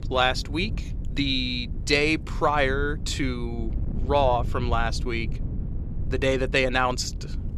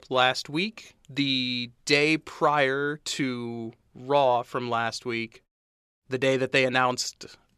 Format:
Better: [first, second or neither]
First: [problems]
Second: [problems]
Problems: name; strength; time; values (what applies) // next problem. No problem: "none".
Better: second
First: wind noise on the microphone; occasional gusts; 20 dB below the speech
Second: none